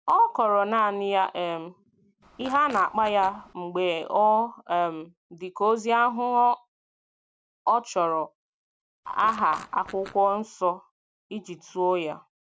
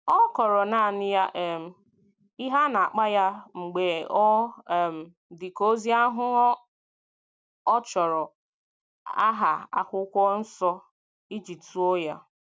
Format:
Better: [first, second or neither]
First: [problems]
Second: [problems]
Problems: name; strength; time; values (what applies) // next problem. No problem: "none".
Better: second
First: background sound (Fart); 18 dB below the speech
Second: none